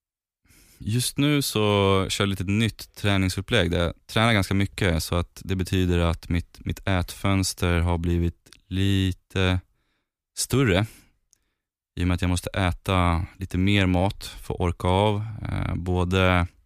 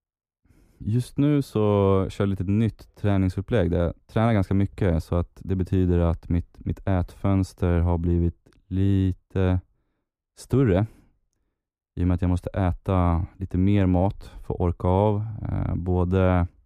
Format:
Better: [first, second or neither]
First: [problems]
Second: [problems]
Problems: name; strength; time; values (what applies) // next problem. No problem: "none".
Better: first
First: none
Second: muffled; very; fading above 1.5 kHz